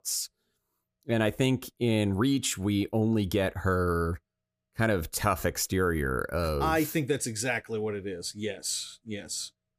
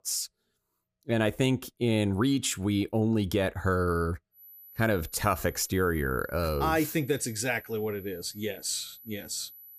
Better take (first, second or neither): first